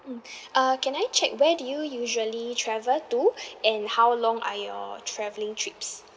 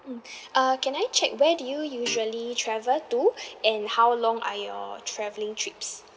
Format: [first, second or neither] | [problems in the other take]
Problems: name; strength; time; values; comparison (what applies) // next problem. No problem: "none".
first | background sound (Guitar); 20 dB below the speech